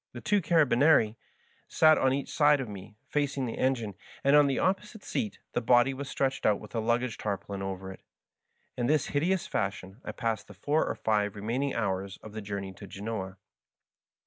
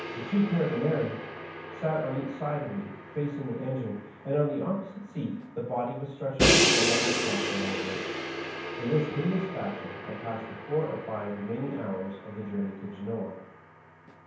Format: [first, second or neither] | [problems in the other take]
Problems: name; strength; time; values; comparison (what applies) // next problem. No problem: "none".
first | background sound (Crash cymbal); 1 dB below the speech // room echo; dies away in 0.9 s